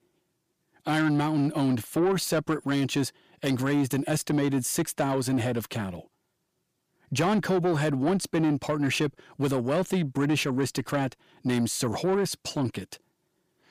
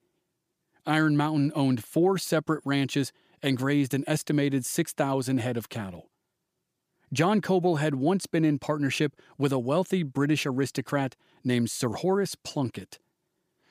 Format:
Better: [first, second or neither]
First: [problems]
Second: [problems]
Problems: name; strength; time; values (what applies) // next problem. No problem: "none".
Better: second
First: distortion; slight; 10 dB below the speech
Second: none